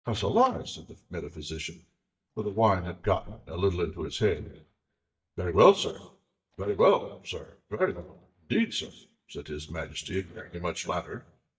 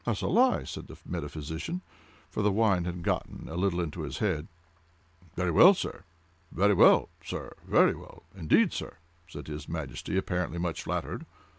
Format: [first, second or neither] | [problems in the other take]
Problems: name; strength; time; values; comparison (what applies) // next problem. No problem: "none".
second | noise reduction (neural mask model DeepFilterNet 3)